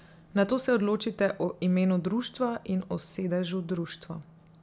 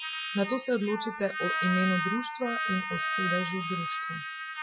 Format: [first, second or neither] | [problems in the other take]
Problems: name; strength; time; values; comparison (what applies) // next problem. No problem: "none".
first | noise reduction (classical method Wiener filter)